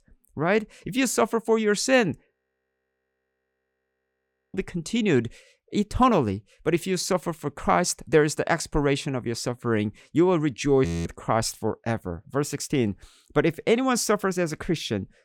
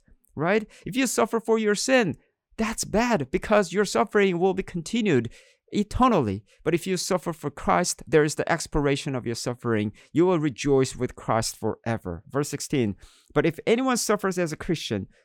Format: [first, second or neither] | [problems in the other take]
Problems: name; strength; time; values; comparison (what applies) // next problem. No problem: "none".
second | audio freezing; at 2.5 s for 2 s and at 11 s